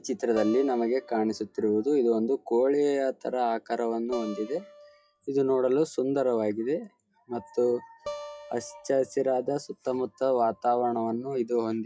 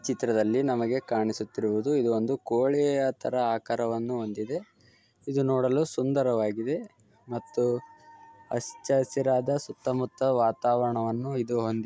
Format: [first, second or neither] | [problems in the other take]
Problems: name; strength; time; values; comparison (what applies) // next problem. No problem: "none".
second | noise reduction (classical method WPE with log-MMSE)